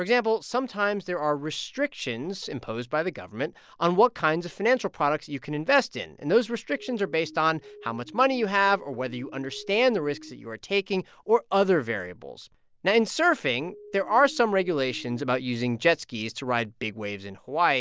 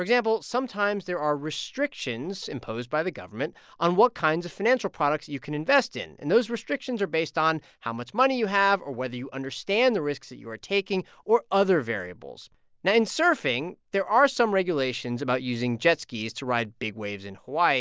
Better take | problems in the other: second | background sound (Siren); 20 dB below the speech

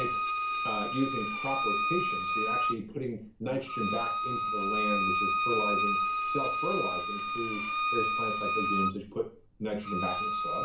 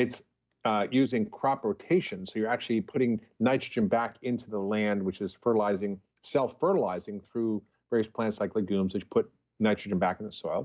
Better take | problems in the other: second | background sound (Bowed string instrument); 4 dB above the speech // room echo; dies away in 0.3 s

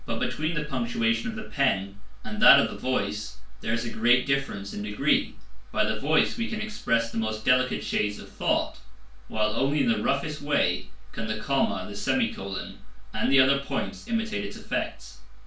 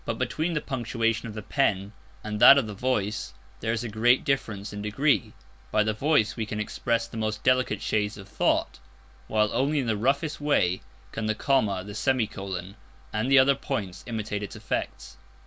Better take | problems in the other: second | room echo; dies away in 0.3 s

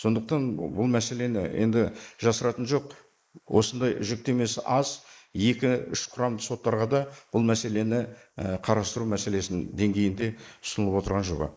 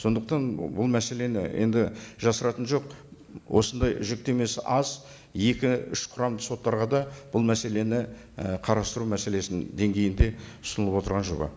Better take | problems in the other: second | noise reduction (neural mask model Resemble Enhance denoiser)

